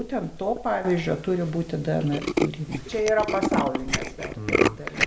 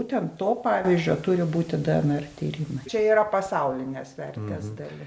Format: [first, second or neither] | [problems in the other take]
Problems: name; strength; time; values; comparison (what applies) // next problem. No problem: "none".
second | background sound (Tools); 2 dB below the speech